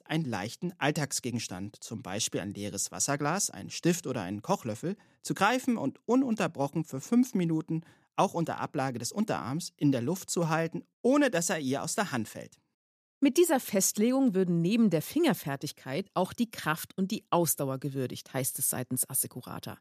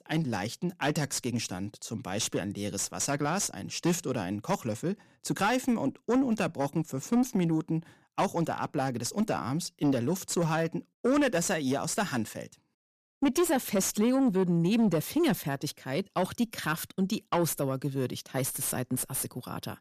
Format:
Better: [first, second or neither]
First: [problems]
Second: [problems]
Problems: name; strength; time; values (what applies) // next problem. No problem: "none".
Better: first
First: none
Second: distortion; slight; 10 dB below the speech